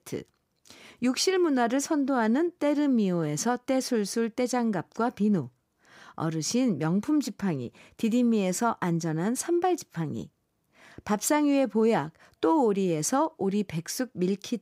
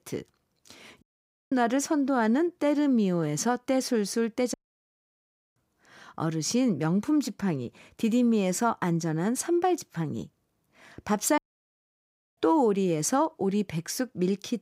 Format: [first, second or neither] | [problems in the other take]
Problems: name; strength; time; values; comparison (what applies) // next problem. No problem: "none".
first | audio cutting out; at 1 s, at 4.5 s for 1 s and at 11 s for 1 s